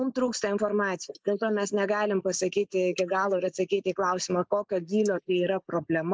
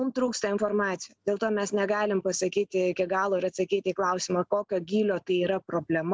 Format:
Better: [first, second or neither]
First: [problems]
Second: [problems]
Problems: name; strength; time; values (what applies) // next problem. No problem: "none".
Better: second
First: noise reduction (neural mask model Resemble Enhance denoiser)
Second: none